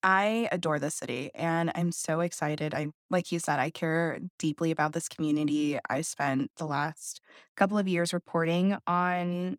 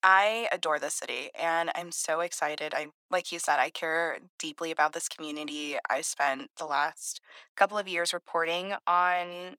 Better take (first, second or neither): first